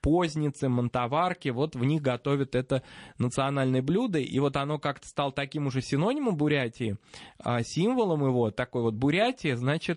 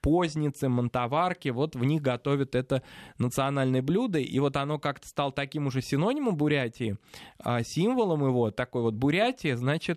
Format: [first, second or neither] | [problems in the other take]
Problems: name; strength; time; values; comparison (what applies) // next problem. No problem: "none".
second | garbled, watery; slightly; nothing above 10.5 kHz